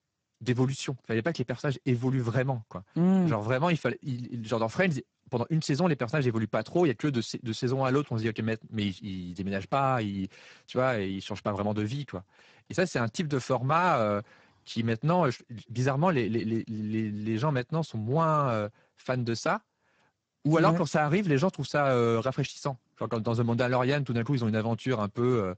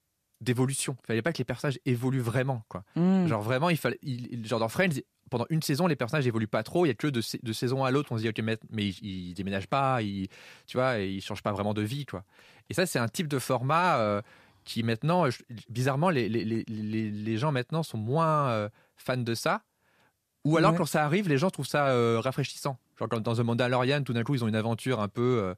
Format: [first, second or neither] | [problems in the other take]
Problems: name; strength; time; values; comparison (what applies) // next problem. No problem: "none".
second | garbled, watery; badly; nothing above 8 kHz